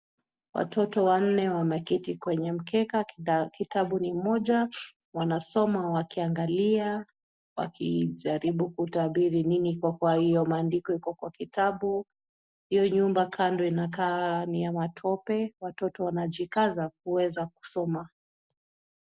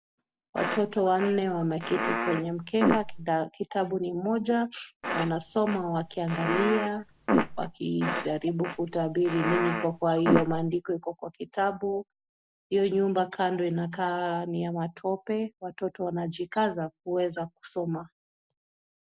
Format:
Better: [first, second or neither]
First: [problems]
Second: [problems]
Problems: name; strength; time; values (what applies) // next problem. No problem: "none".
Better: first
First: none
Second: background sound (Fart); 2 dB below the speech